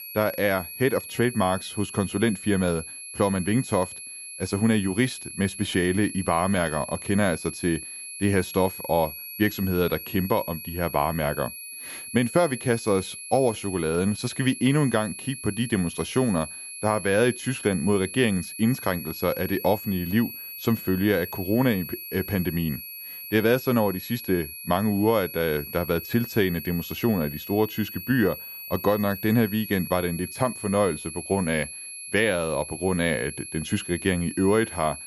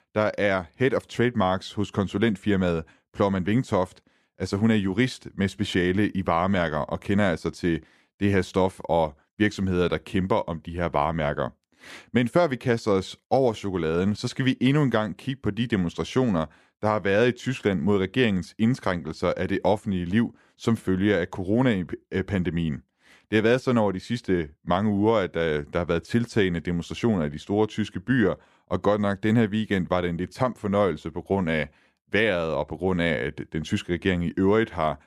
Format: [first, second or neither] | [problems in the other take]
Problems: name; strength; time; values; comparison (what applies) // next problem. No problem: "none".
second | high-pitched whine; noticeable; throughout; 11 kHz, 10 dB below the speech